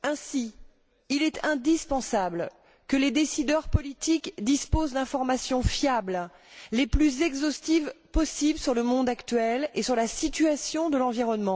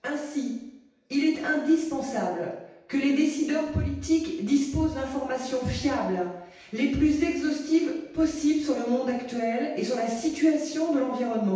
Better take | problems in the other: first | room echo; dies away in 0.9 s

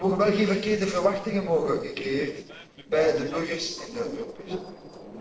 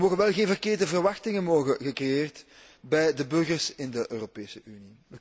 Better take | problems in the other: second | noise reduction (neural separator model SepFormer DNS4)

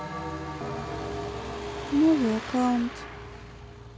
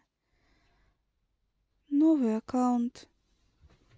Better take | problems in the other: second | background sound (Truck + Bell); 7 dB below the speech

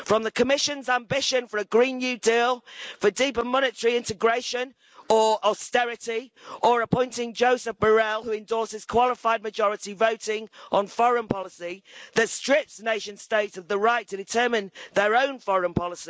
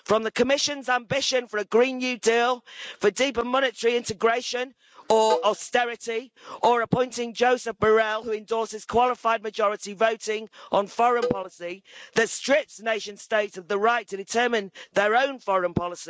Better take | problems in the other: first | noise reduction (neural mask model RNNoise)

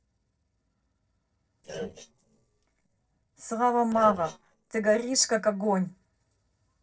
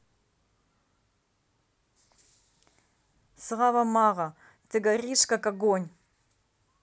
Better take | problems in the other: second | noise reduction (neural separator model SepFormer DNS4)

